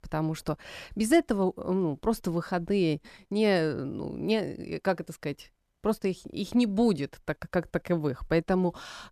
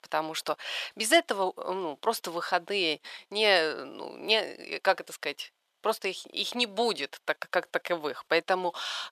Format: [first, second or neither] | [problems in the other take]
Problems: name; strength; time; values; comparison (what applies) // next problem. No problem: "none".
first | thin; very; fading below 750 Hz